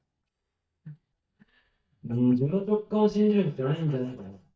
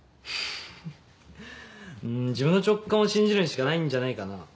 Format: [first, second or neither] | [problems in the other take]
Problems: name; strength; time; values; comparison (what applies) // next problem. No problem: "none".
second | noise reduction (neural mask model DeepFilterNet 3)